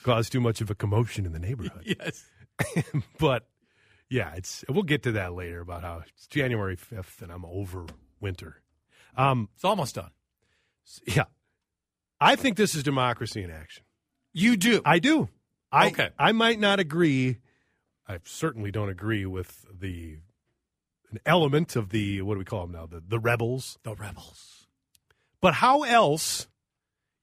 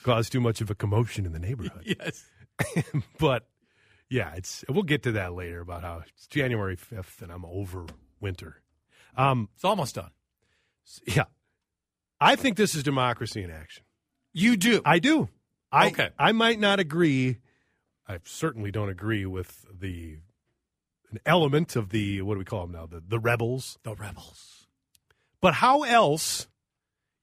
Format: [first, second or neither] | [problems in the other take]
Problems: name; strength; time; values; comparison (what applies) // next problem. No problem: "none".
neither | none